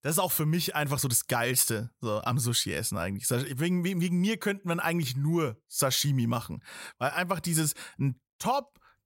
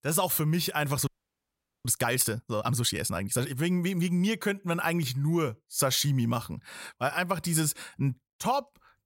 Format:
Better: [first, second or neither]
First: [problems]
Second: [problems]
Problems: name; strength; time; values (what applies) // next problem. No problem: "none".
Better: first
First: none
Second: audio freezing; at 1 s for 1 s